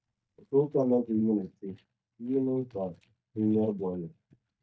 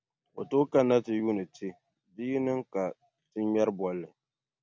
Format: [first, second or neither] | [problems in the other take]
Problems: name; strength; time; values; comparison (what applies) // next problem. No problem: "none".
second | noise reduction (neural mask model DeepFilterNet 3)